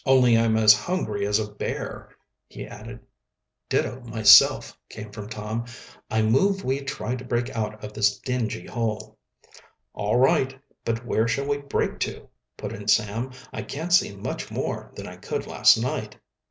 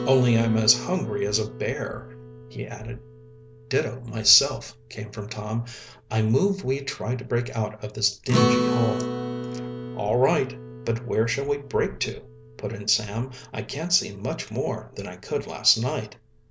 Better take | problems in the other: first | background sound (Acoustic guitar); 7 dB below the speech

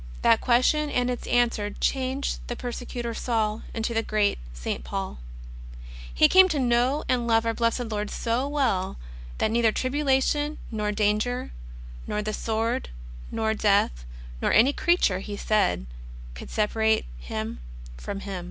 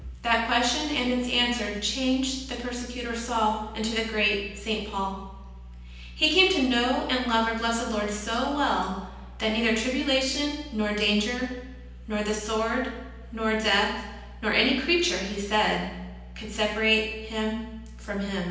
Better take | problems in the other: first | room echo; dies away in 0.9 s

